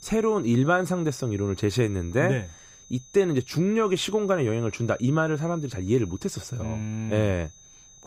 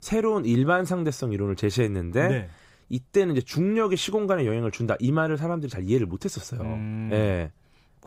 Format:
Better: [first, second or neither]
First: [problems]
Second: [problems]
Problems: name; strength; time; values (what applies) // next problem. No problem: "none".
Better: second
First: high-pitched whine; faint; throughout; 6 kHz, 20 dB below the speech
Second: none